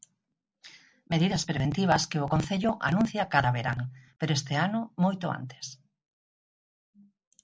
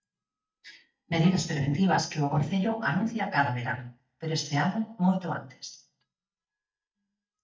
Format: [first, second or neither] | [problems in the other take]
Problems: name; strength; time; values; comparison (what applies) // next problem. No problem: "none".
first | noise reduction (neural mask model DeepFilterNet 3)